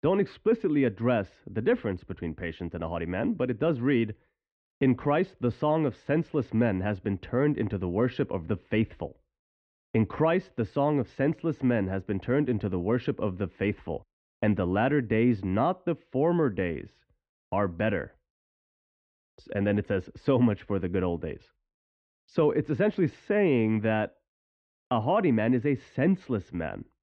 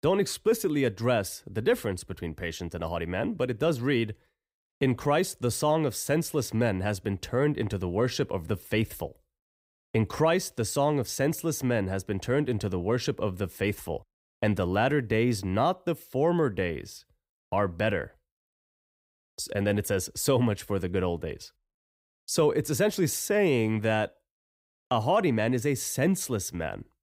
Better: second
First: muffled; very; fading above 3 kHz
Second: none

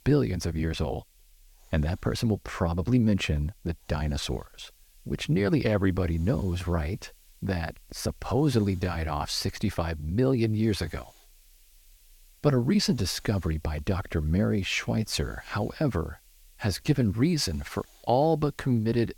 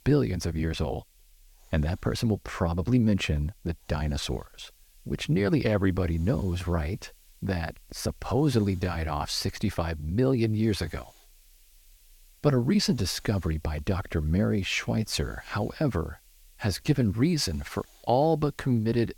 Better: neither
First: hiss; faint; throughout; 30 dB below the speech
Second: hiss; faint; throughout; 30 dB below the speech

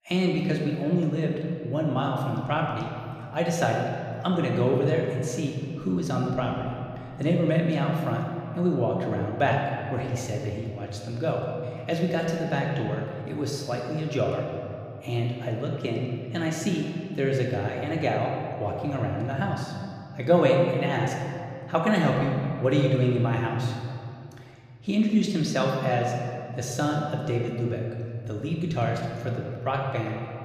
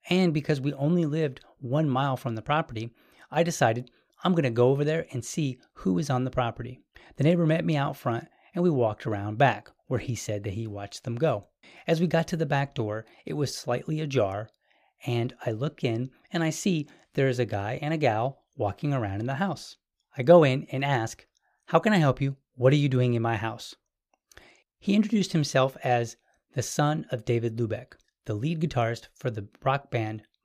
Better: second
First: room echo; noticeable; dies away in 2 s // off-mic speech; somewhat distant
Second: none

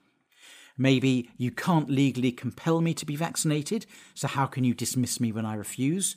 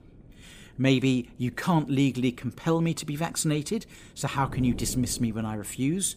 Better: first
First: none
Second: wind noise on the microphone; occasional gusts; 20 dB below the speech

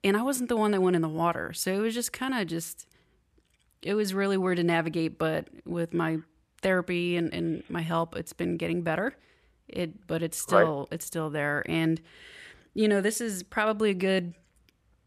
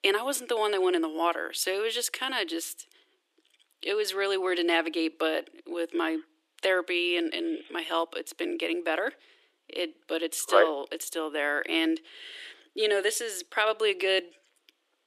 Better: first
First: none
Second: thin; very; fading below 300 Hz

